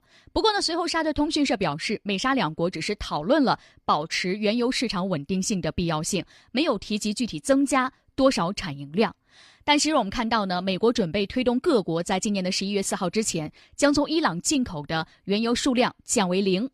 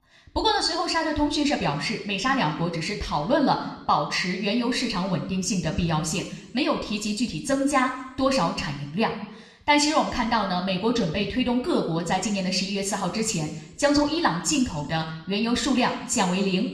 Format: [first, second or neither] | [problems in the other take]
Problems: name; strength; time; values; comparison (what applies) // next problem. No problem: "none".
first | room echo; slight; dies away in 0.8 s